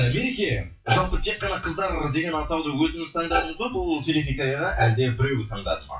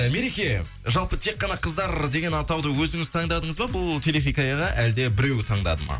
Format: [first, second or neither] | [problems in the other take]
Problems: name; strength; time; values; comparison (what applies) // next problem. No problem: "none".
second | noise reduction (classical method WPE with log-MMSE)